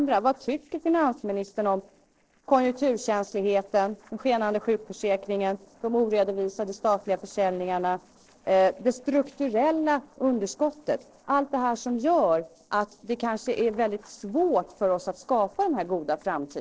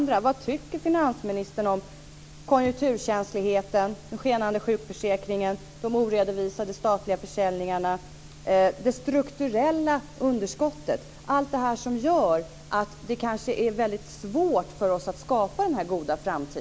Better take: second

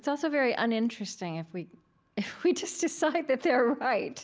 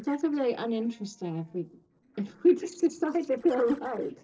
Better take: first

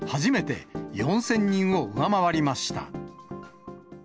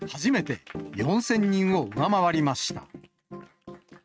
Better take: first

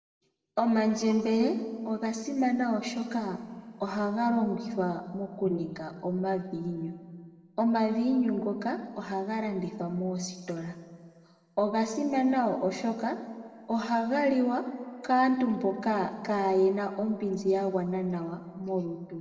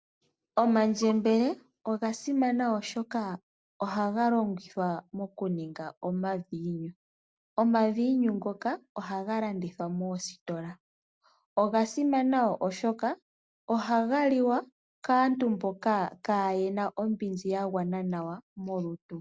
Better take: second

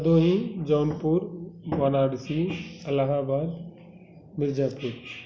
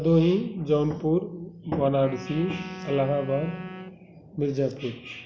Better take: first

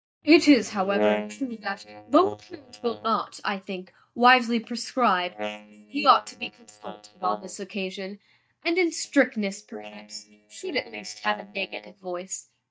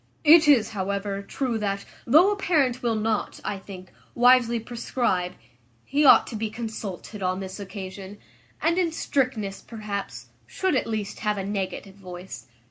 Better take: second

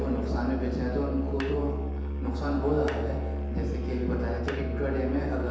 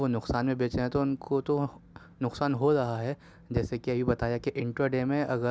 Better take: second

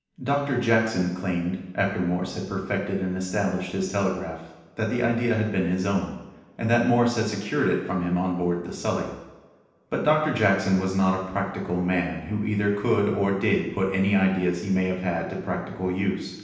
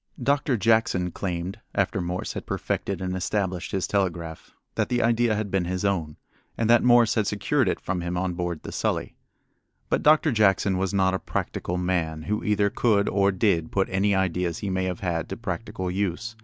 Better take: second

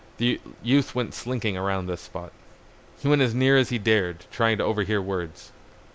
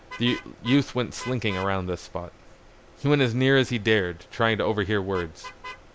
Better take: first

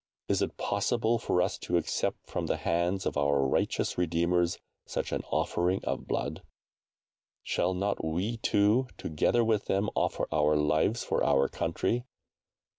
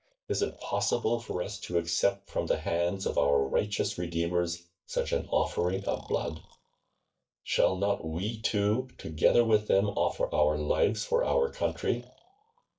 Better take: first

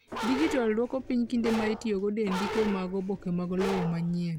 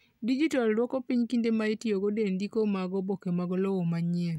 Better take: second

